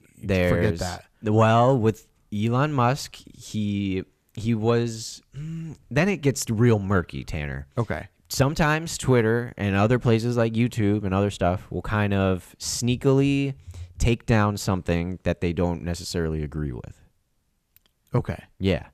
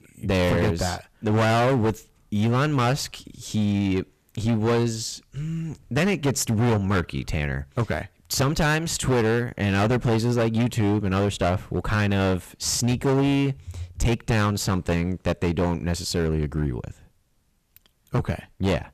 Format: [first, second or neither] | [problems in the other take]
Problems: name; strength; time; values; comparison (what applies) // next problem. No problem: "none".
first | distortion; heavy; 15% of the sound clipped